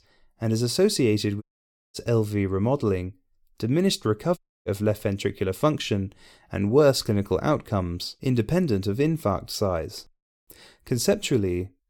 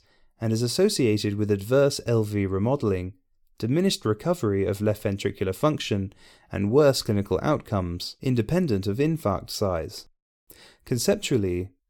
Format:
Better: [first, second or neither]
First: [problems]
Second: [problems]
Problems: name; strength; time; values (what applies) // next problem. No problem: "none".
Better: second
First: audio cutting out; at 1.5 s for 0.5 s and at 4.5 s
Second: none